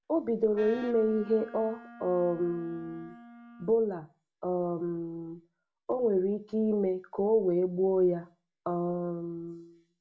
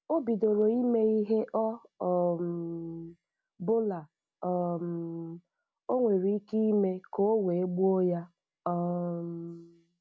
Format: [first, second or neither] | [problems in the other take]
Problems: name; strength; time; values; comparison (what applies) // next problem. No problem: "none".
second | background sound (Wind instrument, woodwind instrument); 19 dB below the speech // room echo; dies away in 0.2 s